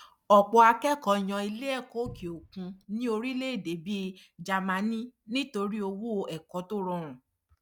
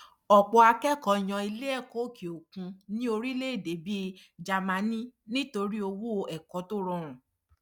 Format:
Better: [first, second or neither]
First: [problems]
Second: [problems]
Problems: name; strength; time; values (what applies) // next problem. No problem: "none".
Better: second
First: background sound (Cupboard open or close); 19 dB below the speech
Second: none